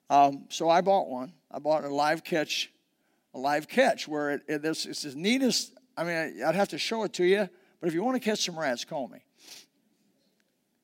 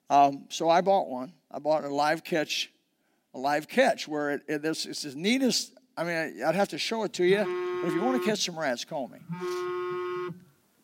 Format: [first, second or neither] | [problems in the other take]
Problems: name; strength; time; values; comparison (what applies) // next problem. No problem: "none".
first | phone ringing; noticeable; from 7.5 s on; peak 4 dB below the speech